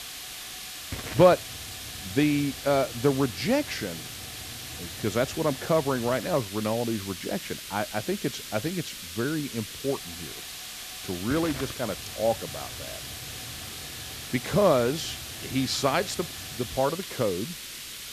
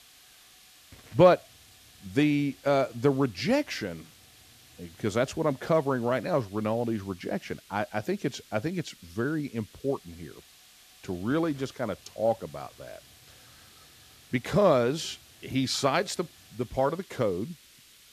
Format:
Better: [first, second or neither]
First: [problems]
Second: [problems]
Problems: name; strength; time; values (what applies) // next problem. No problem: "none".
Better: second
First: hiss; loud; throughout; 9 dB below the speech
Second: hiss; faint; throughout; 25 dB below the speech